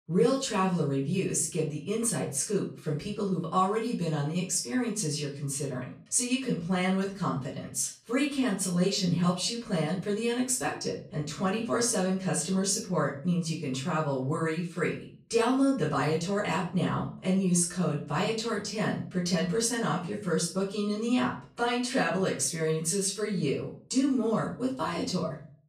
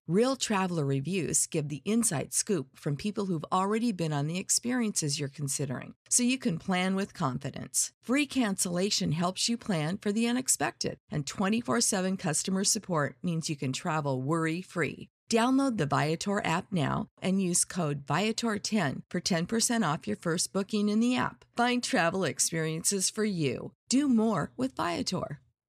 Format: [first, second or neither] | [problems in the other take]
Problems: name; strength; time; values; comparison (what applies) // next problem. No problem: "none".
second | room echo; slight; dies away in 0.3 s // off-mic speech; far